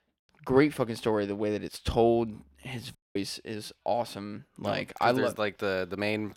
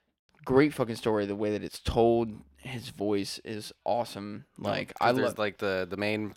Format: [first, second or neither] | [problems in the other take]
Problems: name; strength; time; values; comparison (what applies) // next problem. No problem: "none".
second | audio cutting out; at 3 s